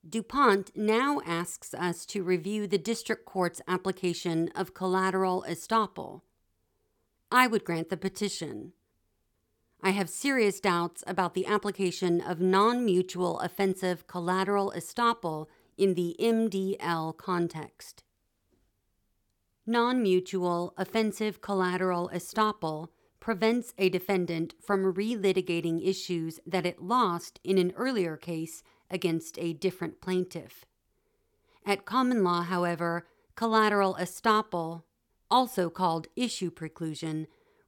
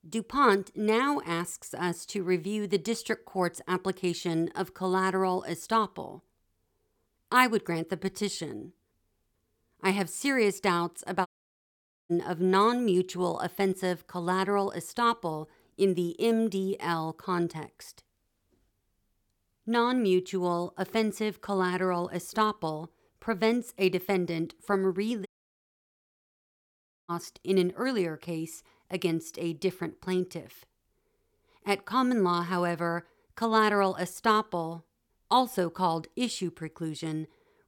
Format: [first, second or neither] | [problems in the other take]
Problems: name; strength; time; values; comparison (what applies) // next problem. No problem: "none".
first | audio cutting out; at 11 s for 1 s and at 25 s for 2 s